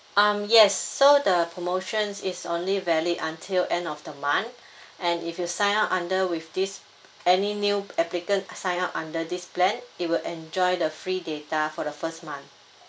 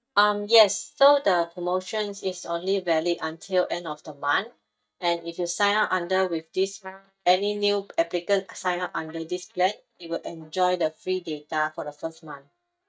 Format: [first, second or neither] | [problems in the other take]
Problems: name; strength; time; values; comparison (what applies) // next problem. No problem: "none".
first | noise reduction (neural mask model DeepFilterNet 3)